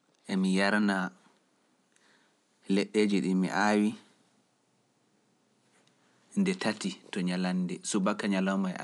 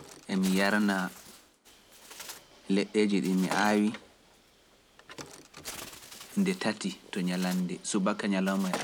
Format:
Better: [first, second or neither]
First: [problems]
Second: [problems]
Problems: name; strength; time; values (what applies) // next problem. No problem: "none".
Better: first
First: none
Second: background sound (Bird); 14 dB below the speech